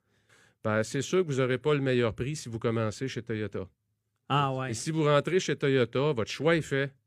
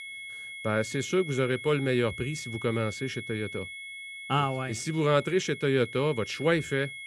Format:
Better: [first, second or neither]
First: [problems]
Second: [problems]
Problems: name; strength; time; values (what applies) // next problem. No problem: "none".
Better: first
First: none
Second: high-pitched whine; noticeable; throughout; 2 kHz, 10 dB below the speech